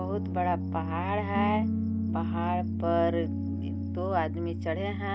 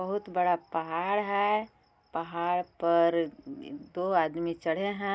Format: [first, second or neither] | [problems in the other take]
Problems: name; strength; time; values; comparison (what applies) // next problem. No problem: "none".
second | background sound (Piano); 1 dB above the speech